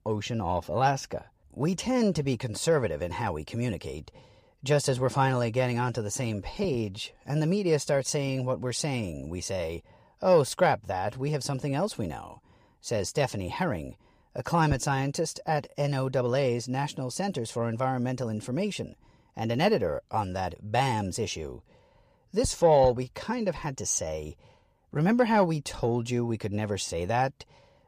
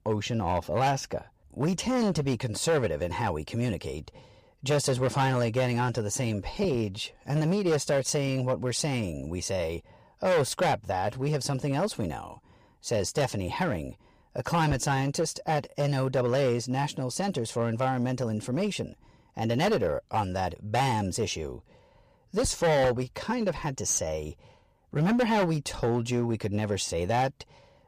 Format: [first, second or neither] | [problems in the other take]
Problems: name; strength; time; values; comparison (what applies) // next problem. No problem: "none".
first | distortion; slight; 7% of the sound clipped